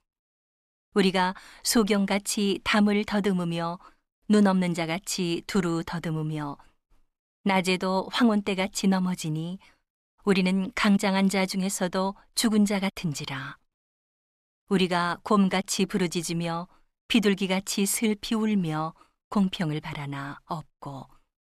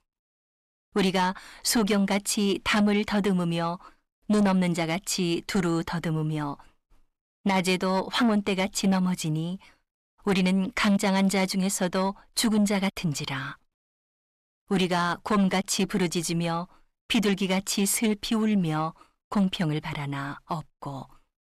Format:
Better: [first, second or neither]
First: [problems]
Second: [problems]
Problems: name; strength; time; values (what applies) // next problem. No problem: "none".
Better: first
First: none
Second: distortion; slight; 10 dB below the speech